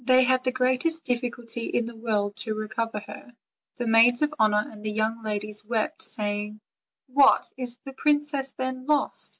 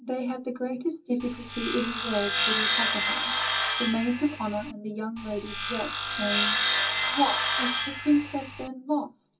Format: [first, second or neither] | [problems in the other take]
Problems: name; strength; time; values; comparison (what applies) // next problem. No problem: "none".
first | background sound (Sawing); 2 dB above the speech // room echo; dies away in 0.4 s